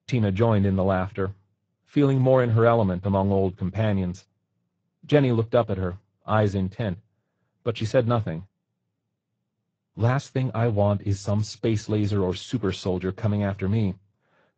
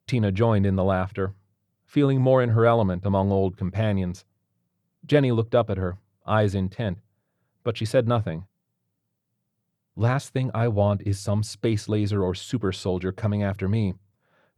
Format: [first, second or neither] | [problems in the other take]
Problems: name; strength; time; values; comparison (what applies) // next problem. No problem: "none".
second | garbled, watery; slightly; nothing above 7.5 kHz